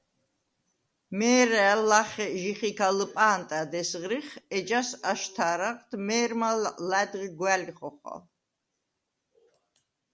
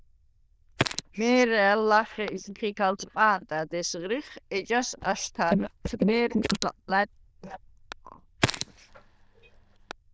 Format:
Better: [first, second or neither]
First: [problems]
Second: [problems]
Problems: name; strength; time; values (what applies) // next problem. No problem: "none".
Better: first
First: none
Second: noise reduction (neural diffusion model UNIVERSE++)